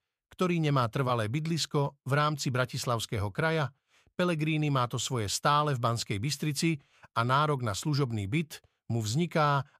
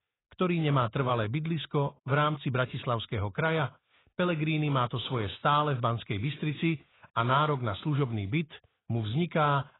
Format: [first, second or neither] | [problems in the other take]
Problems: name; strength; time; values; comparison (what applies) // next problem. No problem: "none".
first | garbled, watery; badly; nothing above 4 kHz